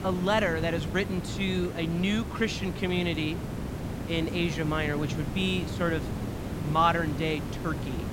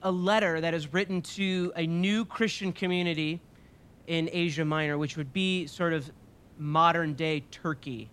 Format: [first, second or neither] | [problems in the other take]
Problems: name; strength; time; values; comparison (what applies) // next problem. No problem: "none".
second | hiss; loud; throughout; 6 dB below the speech; faint in the second